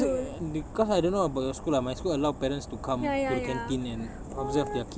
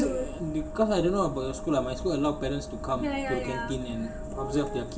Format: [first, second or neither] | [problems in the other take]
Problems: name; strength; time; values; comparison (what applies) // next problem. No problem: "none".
first | background sound (Wind instrument, woodwind instrument); 14 dB below the speech // room echo; dies away in 0.5 s